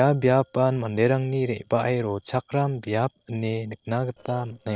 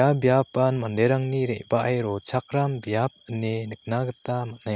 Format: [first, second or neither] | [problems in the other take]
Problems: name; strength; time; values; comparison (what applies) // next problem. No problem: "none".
second | noise reduction (neural separator model SepFormer DNS4)